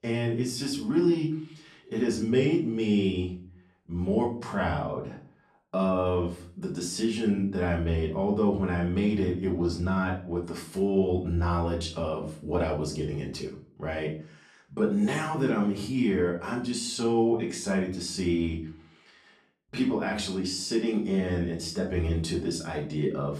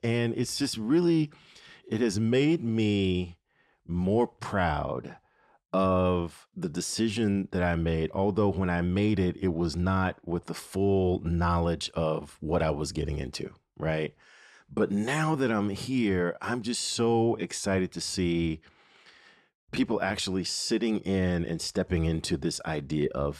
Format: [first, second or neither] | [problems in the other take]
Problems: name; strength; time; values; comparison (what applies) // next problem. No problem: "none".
second | off-mic speech; far // room echo; slight; dies away in 0.4 s